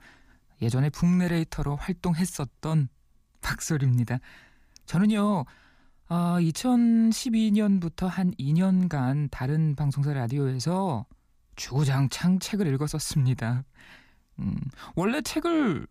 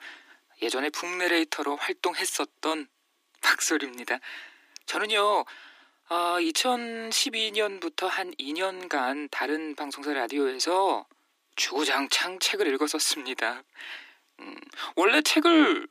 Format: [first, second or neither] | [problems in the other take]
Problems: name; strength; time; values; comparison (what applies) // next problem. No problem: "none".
first | thin; very; fading below 300 Hz